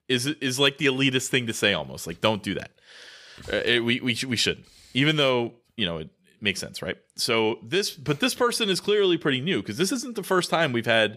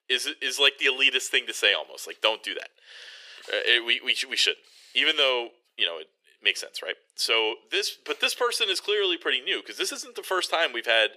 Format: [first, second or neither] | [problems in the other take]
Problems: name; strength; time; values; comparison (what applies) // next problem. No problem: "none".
first | thin; very; fading below 400 Hz